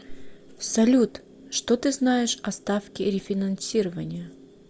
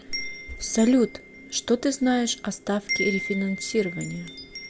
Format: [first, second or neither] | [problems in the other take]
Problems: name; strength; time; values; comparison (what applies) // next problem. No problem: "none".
first | background sound (Wind chime); 10 dB below the speech